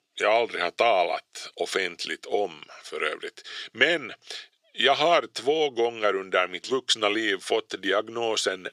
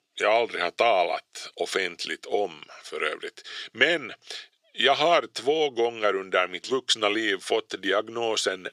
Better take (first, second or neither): neither